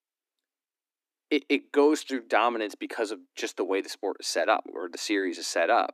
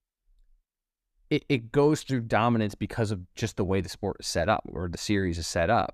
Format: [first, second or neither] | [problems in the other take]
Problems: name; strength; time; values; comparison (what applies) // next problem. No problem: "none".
second | thin; somewhat; fading below 250 Hz